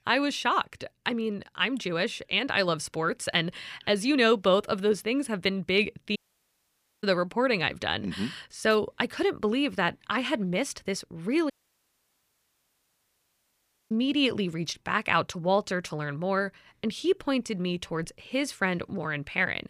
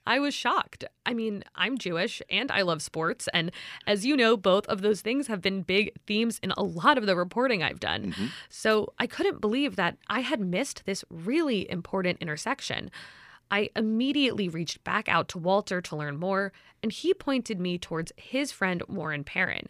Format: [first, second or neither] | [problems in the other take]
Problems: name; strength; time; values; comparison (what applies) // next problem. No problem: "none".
second | audio cutting out; at 6 s for 1 s and at 12 s for 2.5 s